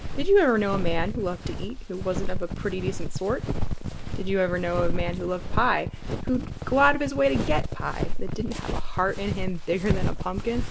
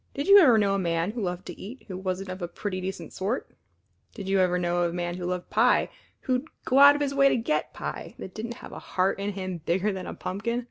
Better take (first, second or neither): second